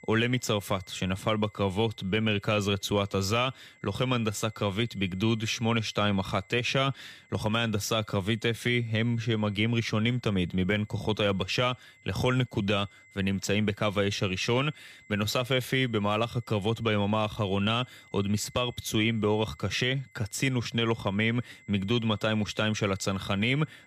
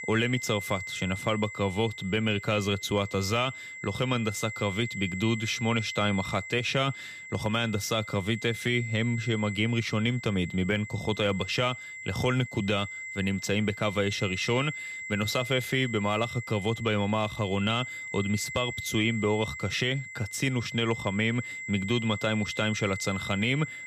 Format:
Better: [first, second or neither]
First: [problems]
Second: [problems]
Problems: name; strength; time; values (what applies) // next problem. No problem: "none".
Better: first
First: high-pitched whine; faint; throughout; 2 kHz, 30 dB below the speech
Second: high-pitched whine; loud; throughout; 2 kHz, 9 dB below the speech